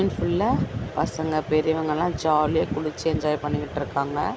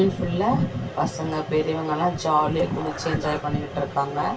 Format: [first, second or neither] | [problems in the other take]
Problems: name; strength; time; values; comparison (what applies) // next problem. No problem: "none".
first | background sound (Dog); 11 dB below the speech // room echo; dies away in 0.2 s